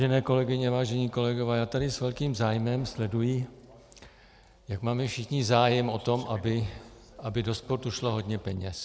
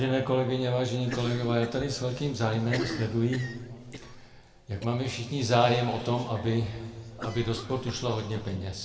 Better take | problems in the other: first | background sound (Cough); 14 dB below the speech // room echo; dies away in 1.8 s

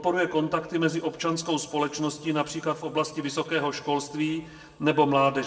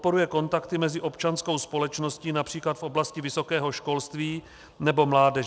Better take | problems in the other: second | room echo; dies away in 1.1 s

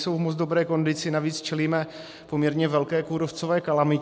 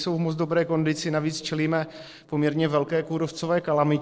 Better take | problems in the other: first | noise reduction (neural separator model SepFormer DNS4)

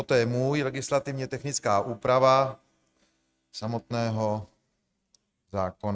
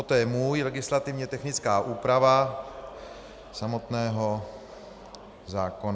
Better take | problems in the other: second | noise reduction (neural mask model RNNoise)

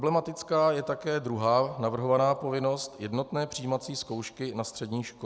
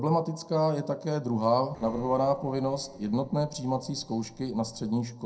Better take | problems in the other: first | noise reduction (neural separator model SepFormer DNS4)

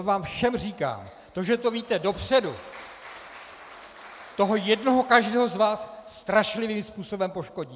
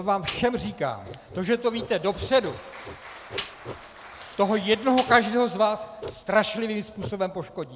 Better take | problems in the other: first | background sound (Writing + Snare drum); 15 dB below the speech

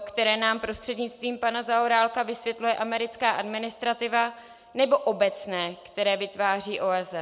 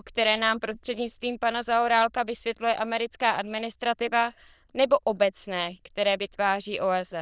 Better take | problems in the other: first | noise reduction (neural diffusion model UNIVERSE++)

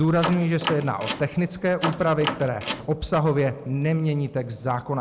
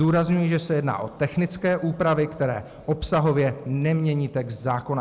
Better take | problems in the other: second | background sound (Door); 8 dB below the speech

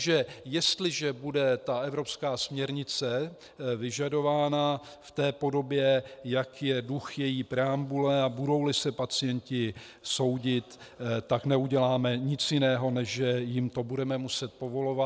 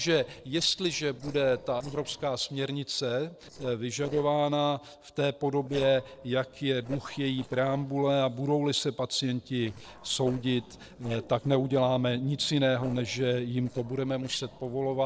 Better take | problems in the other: first | noise reduction (neural separator model SepFormer DNS4)

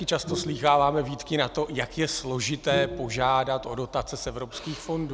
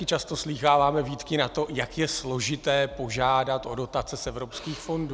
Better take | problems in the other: second | background sound (Bowed string instrument); 12 dB below the speech

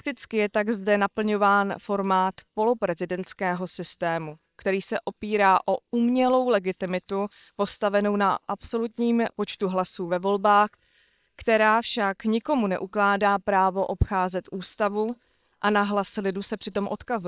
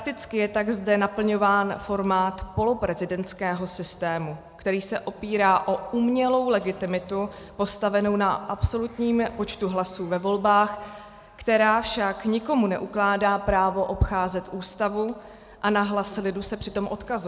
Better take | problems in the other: second | noise reduction (neural separator model SepFormer WHAM!)

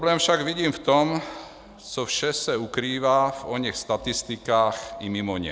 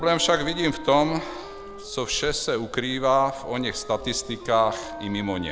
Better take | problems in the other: first | background sound (Dog + Wind instrument, woodwind instrument); 14 dB below the speech

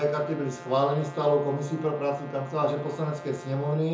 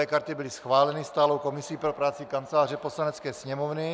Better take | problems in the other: second | background sound (Brass instrument); 18 dB below the speech // room echo; dies away in 0.6 s

